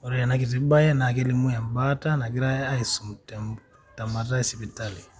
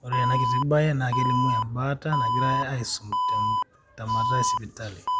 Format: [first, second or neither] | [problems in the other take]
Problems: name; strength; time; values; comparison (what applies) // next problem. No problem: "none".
first | background sound (Alarm); 1 dB above the speech